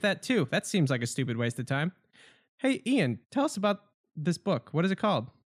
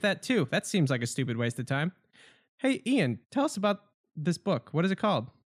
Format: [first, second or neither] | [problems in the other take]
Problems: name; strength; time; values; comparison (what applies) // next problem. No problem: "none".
neither | none